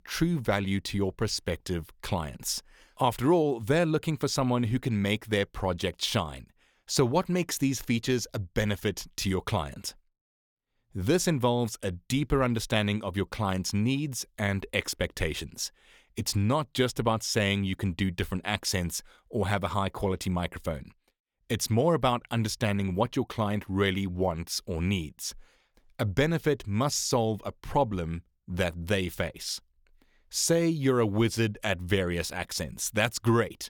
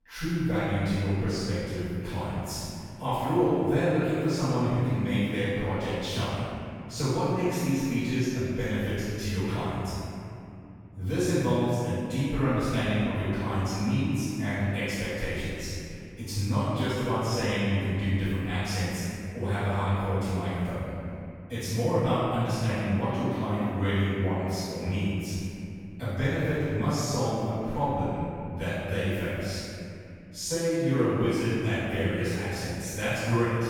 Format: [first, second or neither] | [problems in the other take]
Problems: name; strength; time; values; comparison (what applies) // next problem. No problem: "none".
first | room echo; strong; dies away in 2.7 s // off-mic speech; far